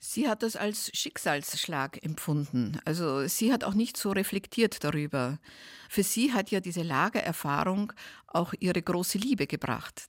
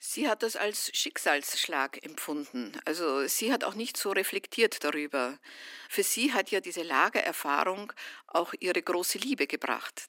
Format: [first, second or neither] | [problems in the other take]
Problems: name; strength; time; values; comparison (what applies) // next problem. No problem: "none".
first | thin; somewhat; fading below 300 Hz